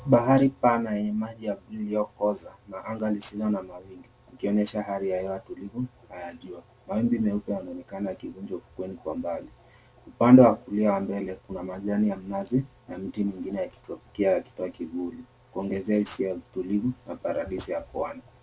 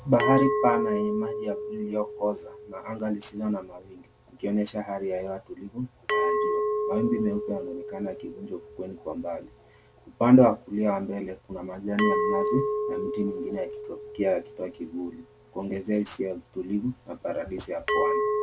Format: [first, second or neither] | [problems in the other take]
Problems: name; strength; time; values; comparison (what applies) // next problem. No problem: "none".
first | background sound (Glass); 3 dB below the speech